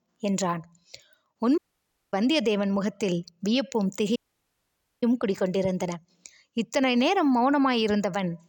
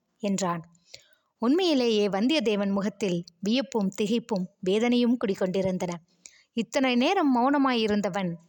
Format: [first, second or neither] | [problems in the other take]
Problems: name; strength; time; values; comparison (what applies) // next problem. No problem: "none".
second | audio cutting out; at 1.5 s for 0.5 s and at 4 s for 1 s